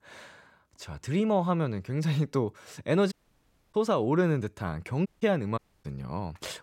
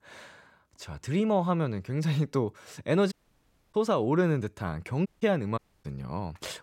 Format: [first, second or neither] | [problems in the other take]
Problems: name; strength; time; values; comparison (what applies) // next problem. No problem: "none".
neither | audio cutting out; at 3 s for 0.5 s, at 5 s and at 5.5 s; the same in both